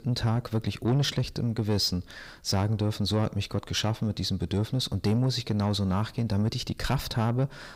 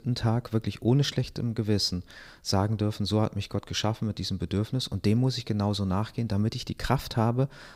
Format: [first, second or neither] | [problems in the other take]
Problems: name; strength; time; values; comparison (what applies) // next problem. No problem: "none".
second | distortion; slight; 10 dB below the speech